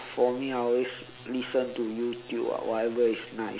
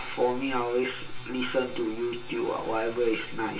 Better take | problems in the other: first | room echo; dies away in 0.1 s

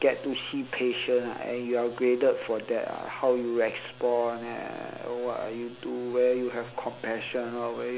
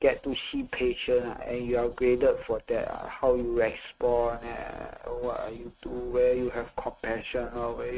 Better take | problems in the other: first | noise reduction (neural mask model RNNoise)

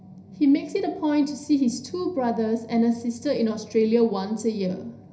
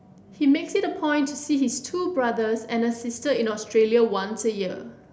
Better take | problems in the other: second | room echo; dies away in 0.4 s

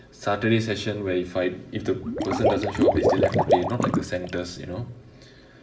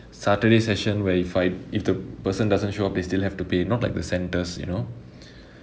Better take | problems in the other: second | background sound (Water / Liquid); 3 dB above the speech // room echo; dies away in 0.5 s

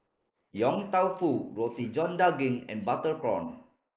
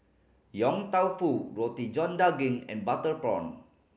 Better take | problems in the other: second | noise reduction (neural mask model Resemble Enhance denoiser)

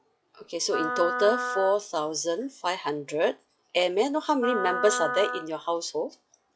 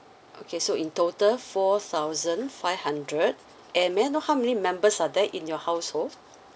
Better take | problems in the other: second | noise reduction (classical method log-MMSE)

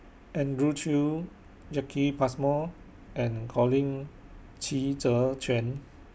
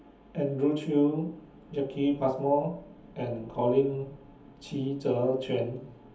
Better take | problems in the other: first | room echo; dies away in 0.7 s

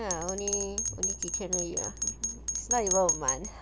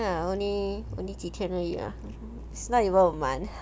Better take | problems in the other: second | background sound (Bell); 1 dB above the speech

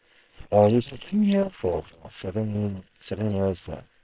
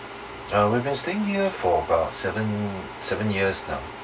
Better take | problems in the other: second | noise reduction (neural separator model SepFormer WHAM!)

